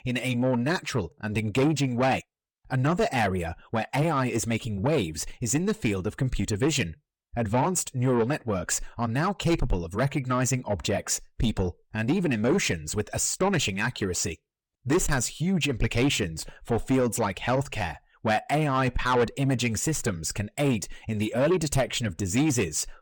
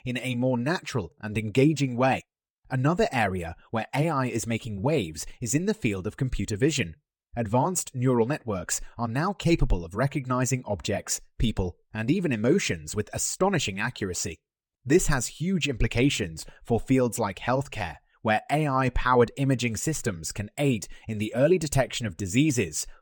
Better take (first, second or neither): second